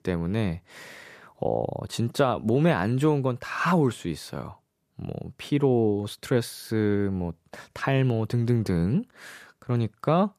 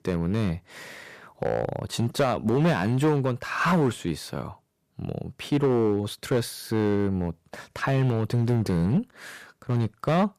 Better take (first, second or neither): first